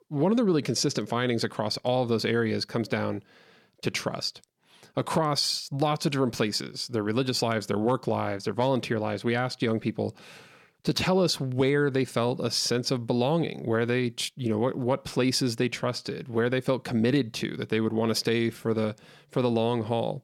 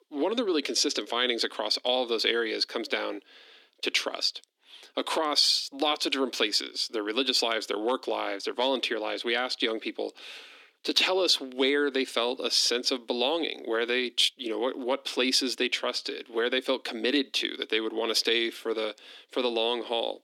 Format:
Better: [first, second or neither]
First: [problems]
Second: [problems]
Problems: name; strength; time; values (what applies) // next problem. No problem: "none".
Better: first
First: none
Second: thin; very slightly; fading below 250 Hz